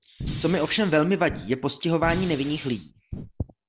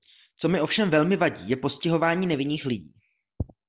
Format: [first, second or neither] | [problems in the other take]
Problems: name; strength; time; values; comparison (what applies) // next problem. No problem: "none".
second | background sound (Fire); 11 dB below the speech